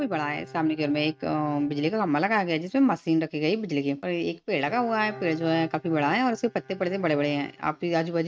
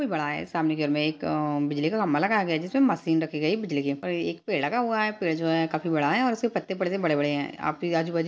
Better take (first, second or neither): second